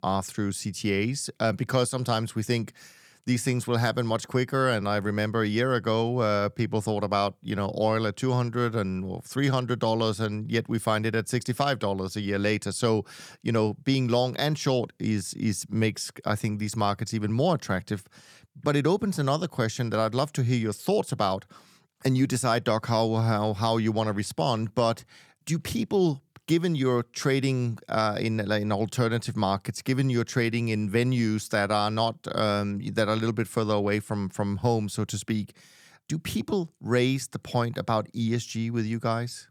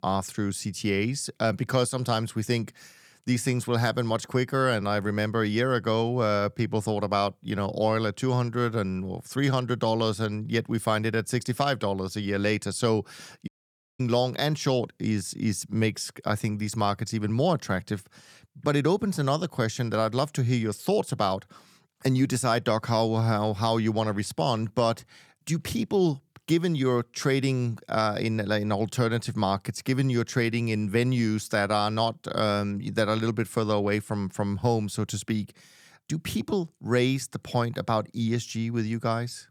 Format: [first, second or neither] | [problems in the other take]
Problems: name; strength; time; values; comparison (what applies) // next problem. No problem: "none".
first | audio cutting out; at 13 s for 0.5 s